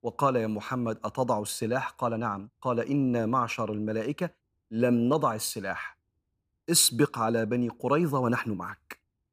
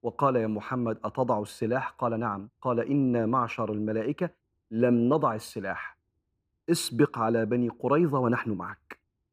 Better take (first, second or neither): first